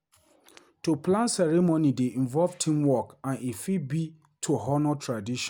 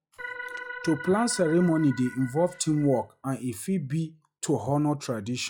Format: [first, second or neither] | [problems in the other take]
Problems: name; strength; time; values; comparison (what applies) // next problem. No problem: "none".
first | noise reduction (classical method log-MMSE)